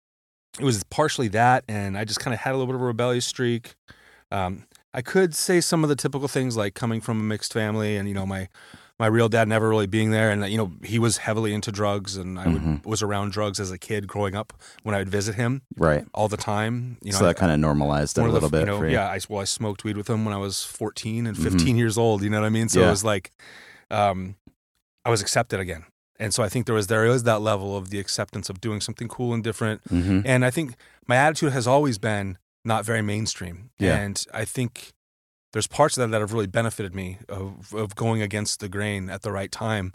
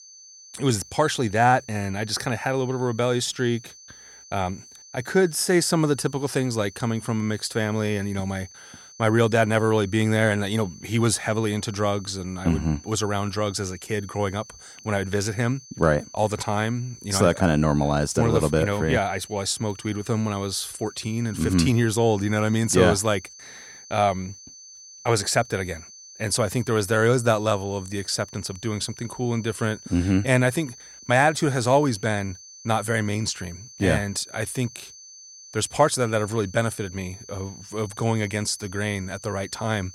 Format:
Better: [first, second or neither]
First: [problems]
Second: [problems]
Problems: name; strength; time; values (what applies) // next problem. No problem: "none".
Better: first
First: none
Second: high-pitched whine; noticeable; throughout; 6 kHz, 20 dB below the speech